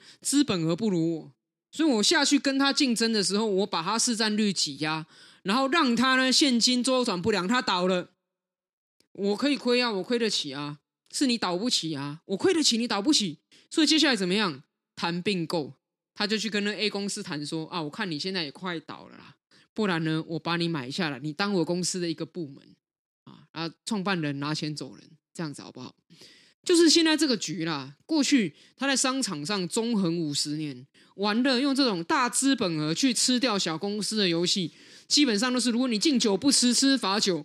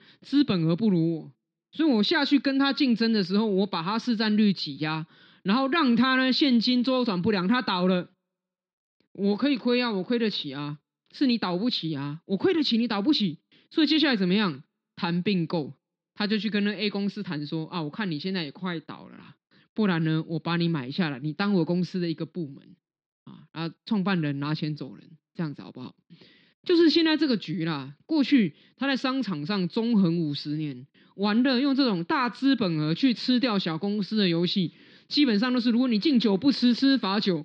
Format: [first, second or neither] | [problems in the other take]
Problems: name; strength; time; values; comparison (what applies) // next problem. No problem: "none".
first | muffled; very slightly; fading above 4 kHz